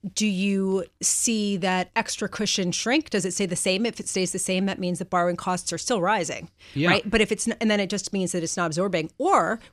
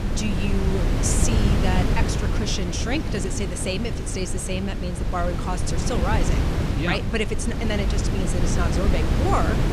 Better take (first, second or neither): first